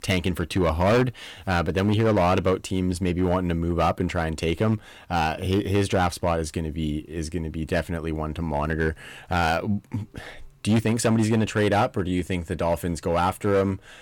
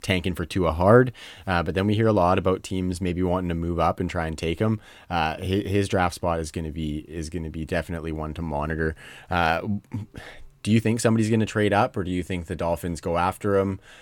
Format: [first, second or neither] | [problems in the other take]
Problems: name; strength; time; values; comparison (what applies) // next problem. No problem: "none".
second | distortion; slight; 6% of the sound clipped